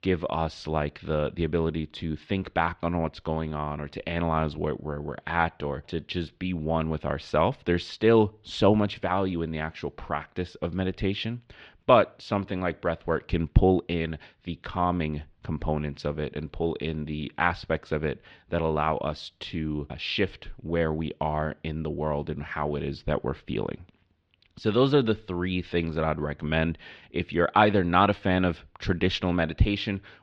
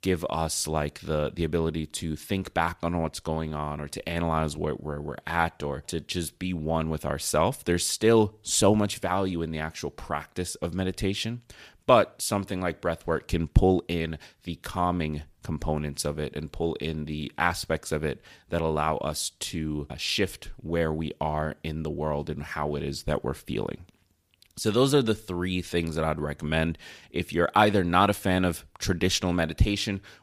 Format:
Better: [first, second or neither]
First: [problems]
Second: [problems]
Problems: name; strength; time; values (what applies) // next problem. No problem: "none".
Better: second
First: muffled; slightly; fading above 3.5 kHz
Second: none